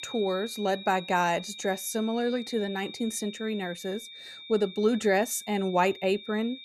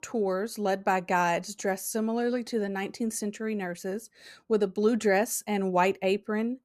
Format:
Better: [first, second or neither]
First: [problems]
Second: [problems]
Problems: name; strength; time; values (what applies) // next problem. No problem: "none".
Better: second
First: high-pitched whine; noticeable; throughout; 3.5 kHz, 15 dB below the speech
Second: none